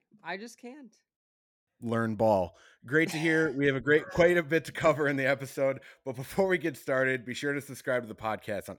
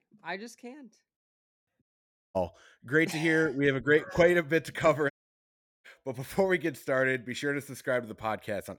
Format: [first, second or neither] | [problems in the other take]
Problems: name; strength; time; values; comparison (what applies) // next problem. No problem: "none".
first | audio cutting out; at 2 s for 0.5 s and at 5 s for 0.5 s